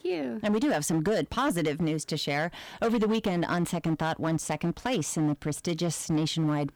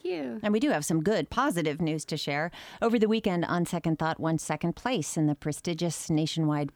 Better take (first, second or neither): second